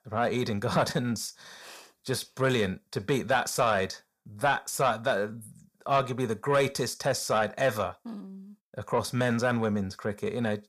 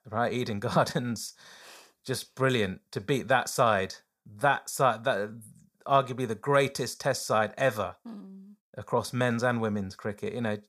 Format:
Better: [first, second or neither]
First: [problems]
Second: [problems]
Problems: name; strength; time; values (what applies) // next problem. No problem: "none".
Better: second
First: distortion; slight; 10 dB below the speech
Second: none